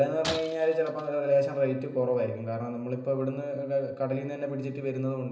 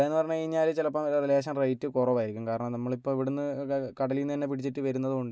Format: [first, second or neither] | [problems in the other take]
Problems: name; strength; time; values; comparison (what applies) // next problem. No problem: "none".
second | background sound (Shatter); 14 dB below the speech // room echo; dies away in 0.9 s